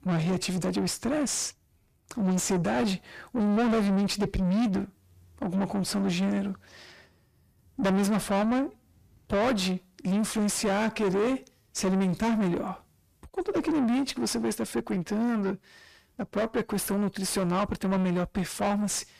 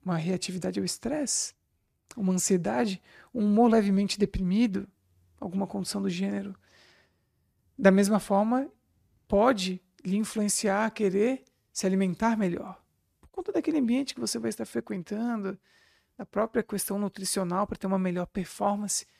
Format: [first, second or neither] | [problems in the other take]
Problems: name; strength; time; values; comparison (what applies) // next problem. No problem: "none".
second | distortion; heavy; 6 dB below the speech